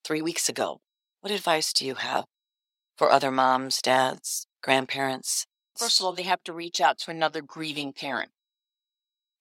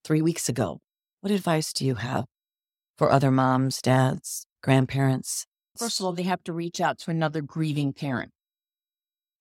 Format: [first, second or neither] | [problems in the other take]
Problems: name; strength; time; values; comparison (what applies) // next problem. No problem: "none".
second | thin; somewhat; fading below 450 Hz